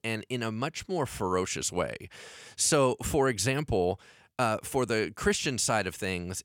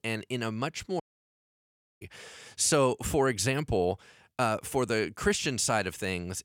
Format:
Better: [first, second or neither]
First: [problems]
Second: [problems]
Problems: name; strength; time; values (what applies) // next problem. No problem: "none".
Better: first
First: none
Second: audio cutting out; at 1 s for 1 s